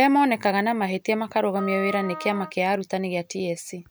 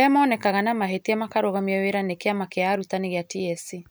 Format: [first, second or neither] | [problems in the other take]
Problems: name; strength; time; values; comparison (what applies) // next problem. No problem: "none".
second | background sound (Wind instrument, woodwind instrument); 12 dB below the speech